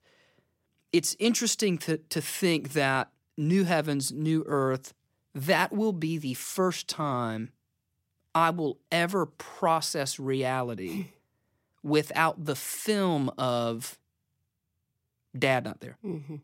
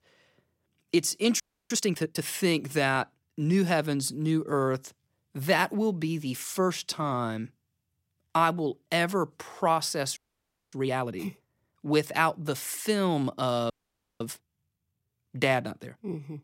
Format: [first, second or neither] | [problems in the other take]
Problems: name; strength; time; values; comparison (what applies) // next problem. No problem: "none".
first | audio freezing; at 1.5 s, at 10 s for 0.5 s and at 14 s for 0.5 s